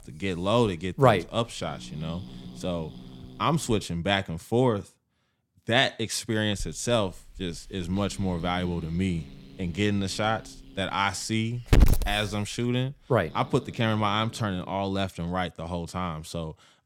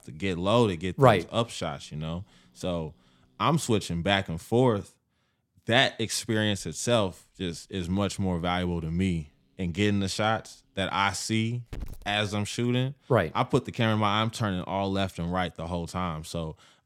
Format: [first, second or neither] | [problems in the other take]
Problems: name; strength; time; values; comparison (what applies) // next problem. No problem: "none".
second | hiss; loud; until 4 s and from 6.5 to 15 s; 5 dB below the speech; faint in the second